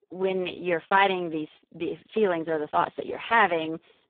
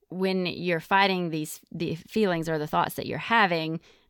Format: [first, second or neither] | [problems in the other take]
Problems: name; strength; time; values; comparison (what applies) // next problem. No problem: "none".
second | phone-call audio; poor line